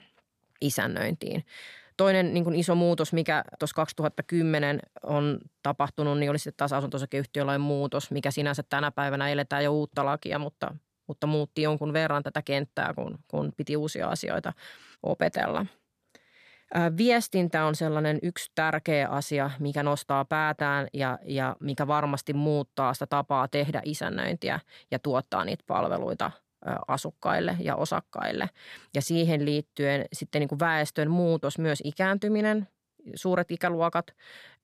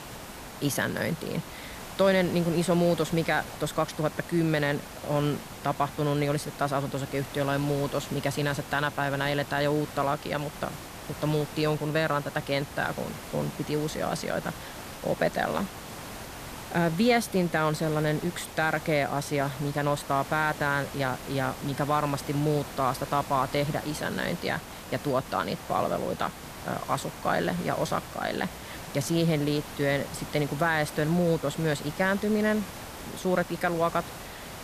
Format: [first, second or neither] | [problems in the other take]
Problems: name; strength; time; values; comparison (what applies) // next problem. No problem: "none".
first | hiss; noticeable; throughout; 10 dB below the speech